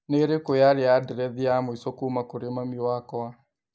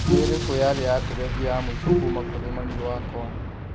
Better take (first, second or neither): first